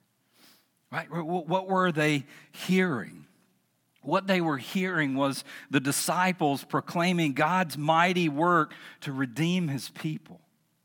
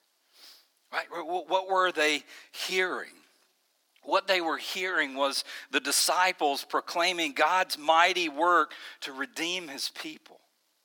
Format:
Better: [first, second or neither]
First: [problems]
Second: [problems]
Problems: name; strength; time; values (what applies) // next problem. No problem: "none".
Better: first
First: none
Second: thin; very; fading below 400 Hz